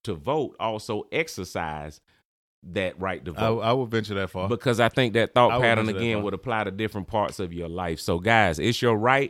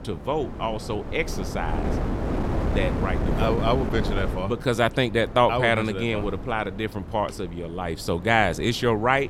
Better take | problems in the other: first | wind noise on the microphone; occasional gusts; 10 dB below the speech

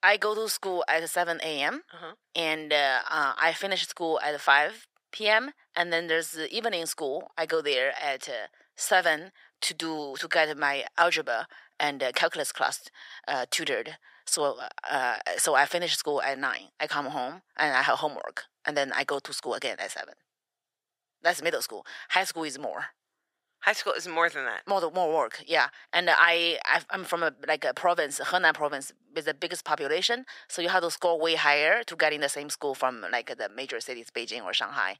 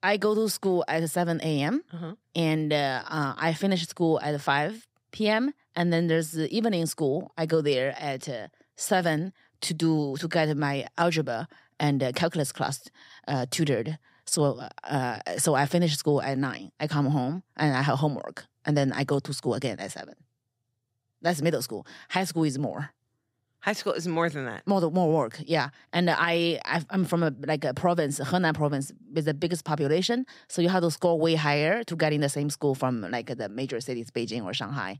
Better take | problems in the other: second | thin; very; fading below 650 Hz

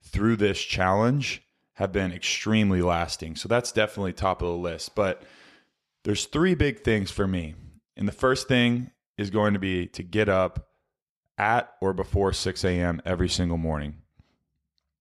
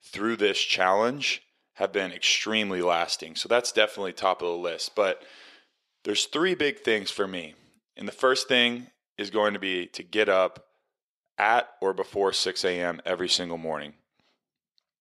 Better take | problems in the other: first | thin; somewhat; fading below 400 Hz

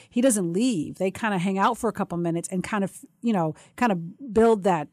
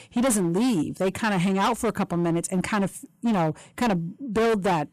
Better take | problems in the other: first | distortion; heavy; 19% of the sound clipped

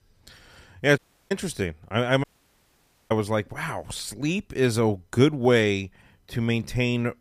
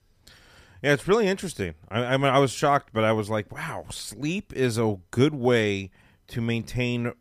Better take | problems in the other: second | audio cutting out; at 1 s and at 2 s for 1 s

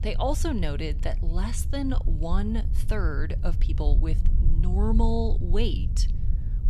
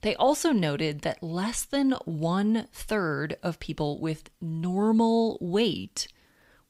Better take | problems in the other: second | low rumble; noticeable; throughout; 10 dB below the speech

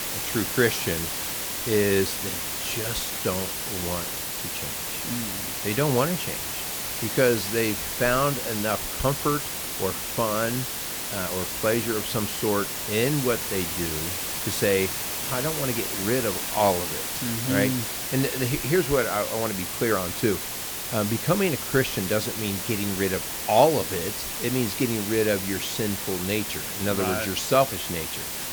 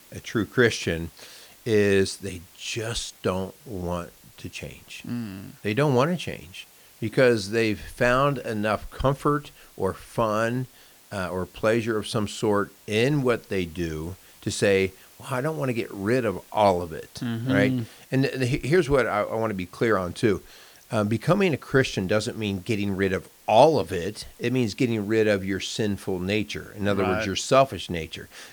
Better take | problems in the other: second | hiss; loud; throughout; 2 dB below the speech; faint in the second

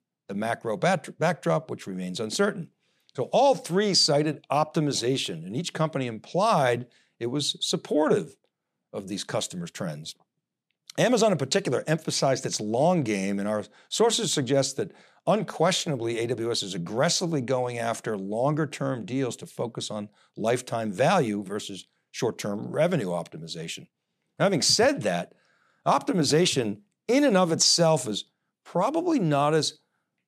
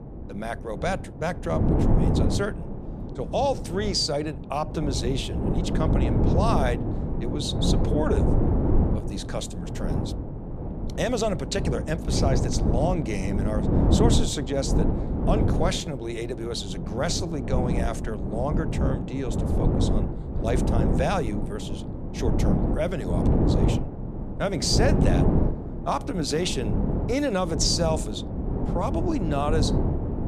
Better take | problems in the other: first | wind noise on the microphone; heavy; 4 dB below the speech

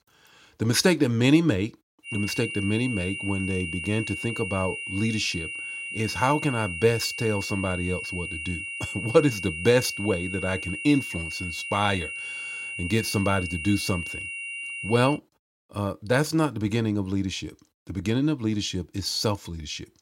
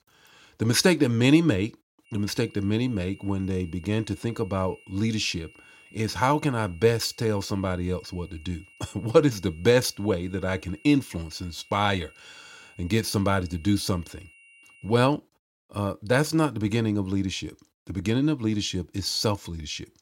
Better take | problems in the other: second | high-pitched whine; loud; from 2 to 15 s; 3 kHz, 6 dB below the speech; faint in the second

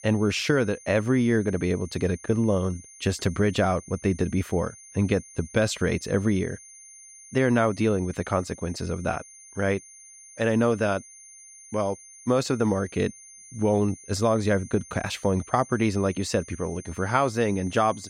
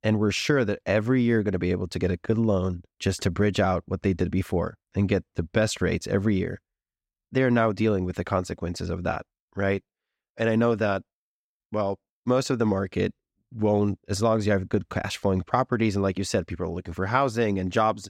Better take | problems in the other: second | high-pitched whine; noticeable; throughout; 6.5 kHz, 20 dB below the speech

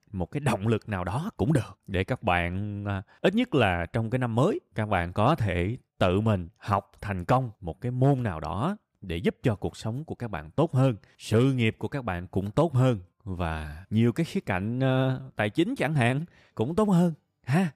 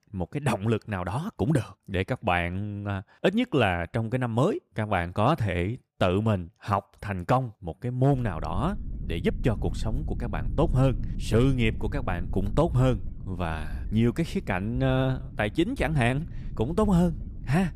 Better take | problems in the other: first | low rumble; faint; from 8 s on; 20 dB below the speech

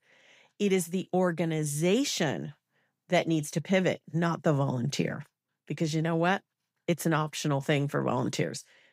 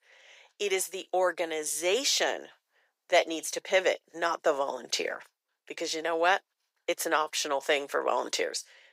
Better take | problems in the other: first | thin; very; fading below 450 Hz

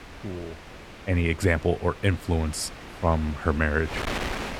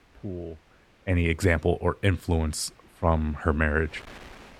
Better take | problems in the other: second | wind noise on the microphone; heavy; 9 dB below the speech; occasional gusts in the second

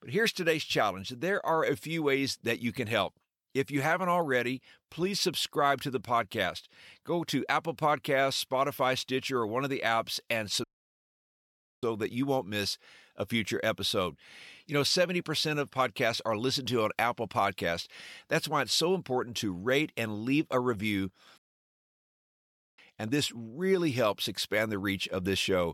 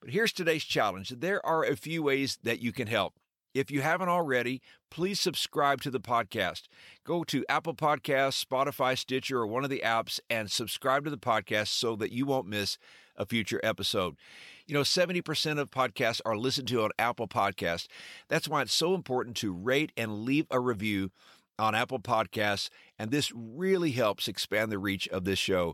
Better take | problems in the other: second | audio cutting out; at 11 s for 1 s and at 21 s for 1.5 s

